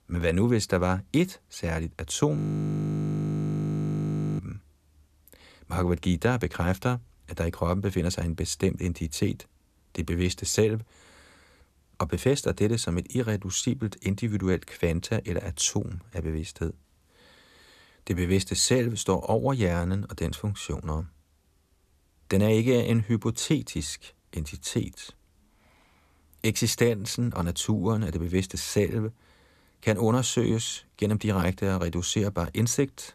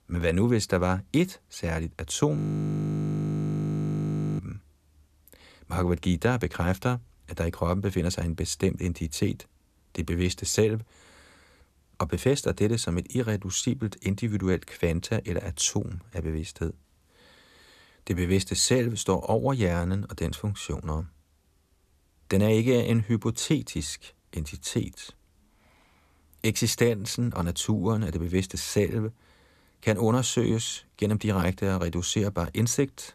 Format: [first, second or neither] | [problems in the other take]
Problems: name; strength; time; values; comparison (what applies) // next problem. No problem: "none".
neither | audio freezing; at 2.5 s for 2 s; the same in both